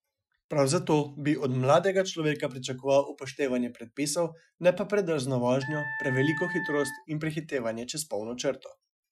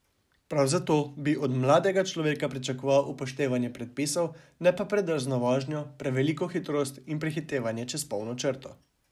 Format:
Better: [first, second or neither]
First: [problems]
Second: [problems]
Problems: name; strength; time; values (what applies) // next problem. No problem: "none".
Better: second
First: noise reduction (classical method Wiener filter)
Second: none